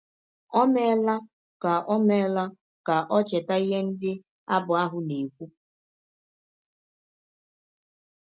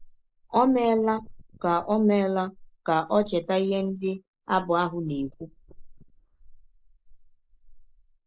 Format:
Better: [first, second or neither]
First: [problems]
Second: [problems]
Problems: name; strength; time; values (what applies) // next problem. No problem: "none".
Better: first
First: none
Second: noise reduction (neural mask model Resemble Enhance denoiser)